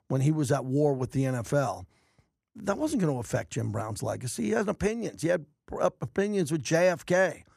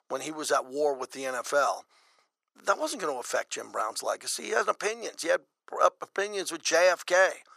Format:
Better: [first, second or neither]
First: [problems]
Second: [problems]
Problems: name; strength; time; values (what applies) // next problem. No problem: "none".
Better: first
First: none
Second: thin; very; fading below 500 Hz